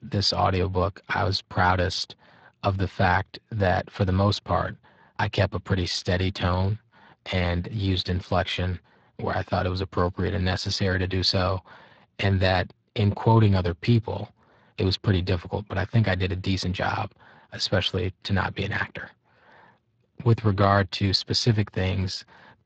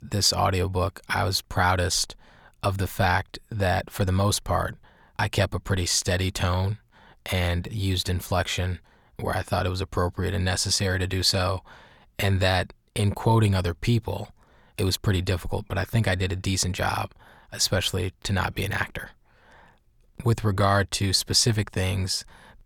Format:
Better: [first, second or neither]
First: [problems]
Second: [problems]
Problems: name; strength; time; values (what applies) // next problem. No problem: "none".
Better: second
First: garbled, watery; slightly; nothing above 7.5 kHz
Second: none